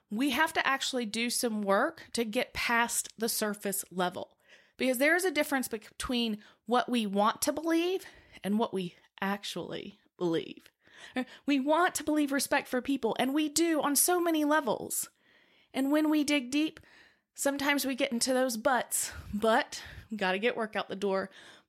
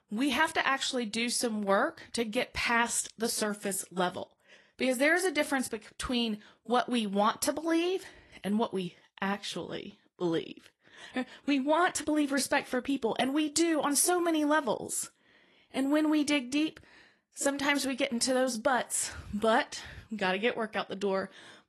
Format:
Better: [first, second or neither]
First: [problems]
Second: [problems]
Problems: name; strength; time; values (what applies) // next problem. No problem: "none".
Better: first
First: none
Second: garbled, watery; slightly; nothing above 11.5 kHz